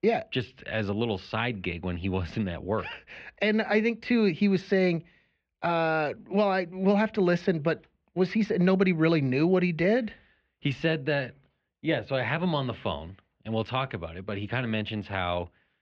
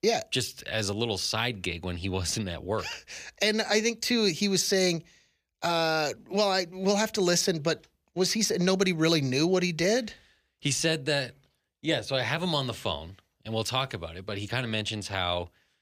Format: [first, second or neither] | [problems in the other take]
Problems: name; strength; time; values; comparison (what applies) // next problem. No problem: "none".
second | muffled; very; fading above 3 kHz